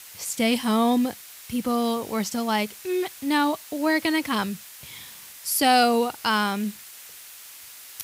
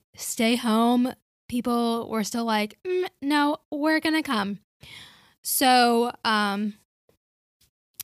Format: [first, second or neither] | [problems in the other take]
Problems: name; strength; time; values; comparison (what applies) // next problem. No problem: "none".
second | hiss; noticeable; throughout; 15 dB below the speech